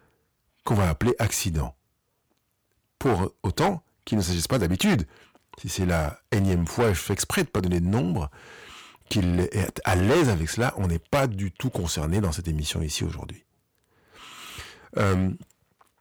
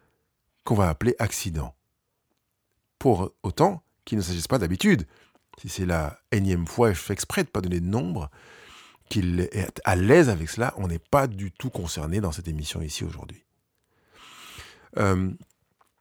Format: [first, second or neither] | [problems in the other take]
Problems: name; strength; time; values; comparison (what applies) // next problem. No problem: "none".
second | distortion; heavy; 6% of the sound clipped